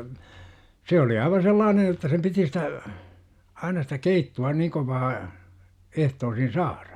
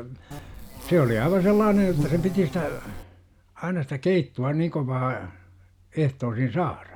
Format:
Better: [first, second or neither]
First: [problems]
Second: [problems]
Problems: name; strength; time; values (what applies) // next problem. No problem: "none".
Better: first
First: none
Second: background sound (Insect); 8 dB below the speech